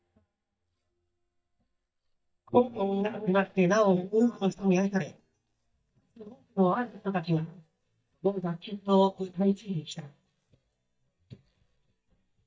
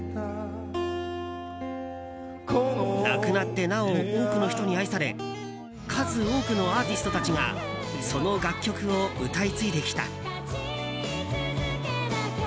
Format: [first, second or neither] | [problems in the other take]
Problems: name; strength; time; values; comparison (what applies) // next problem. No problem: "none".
second | noise reduction (neural mask model DeepFilterNet 3)